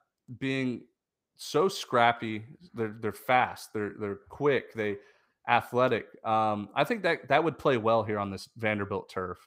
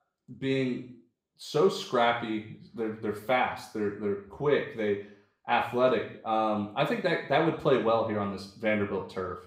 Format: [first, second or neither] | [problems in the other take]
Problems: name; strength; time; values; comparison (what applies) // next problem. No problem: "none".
first | room echo; slight; dies away in 0.5 s // off-mic speech; far